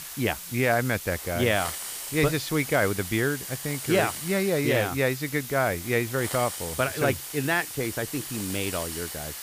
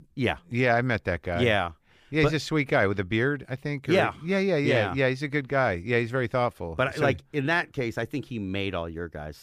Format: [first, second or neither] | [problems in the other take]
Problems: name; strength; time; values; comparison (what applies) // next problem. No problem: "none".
second | hiss; loud; throughout; 7 dB below the speech